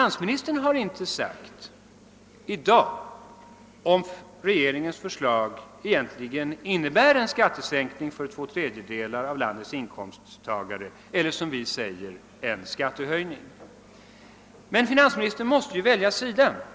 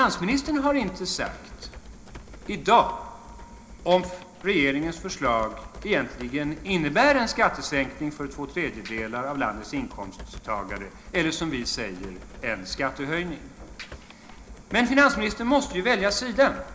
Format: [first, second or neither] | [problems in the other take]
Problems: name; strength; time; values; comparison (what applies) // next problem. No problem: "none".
first | background sound (Computer keyboard); 17 dB below the speech // room echo; dies away in 0.4 s